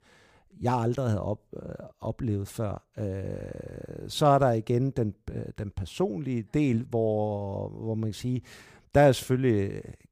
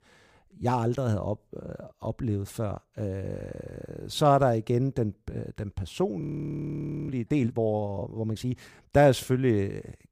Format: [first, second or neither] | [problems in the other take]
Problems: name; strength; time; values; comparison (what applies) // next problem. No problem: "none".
first | audio freezing; at 6 s for 1 s